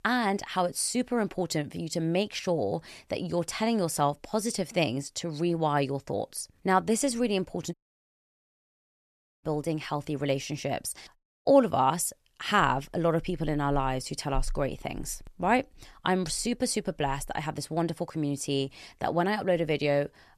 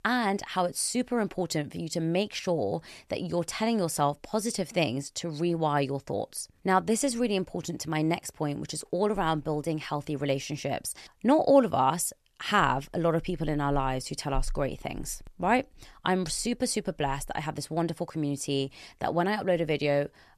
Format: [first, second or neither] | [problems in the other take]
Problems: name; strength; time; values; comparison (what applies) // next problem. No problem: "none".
second | audio cutting out; at 7.5 s for 1.5 s and at 11 s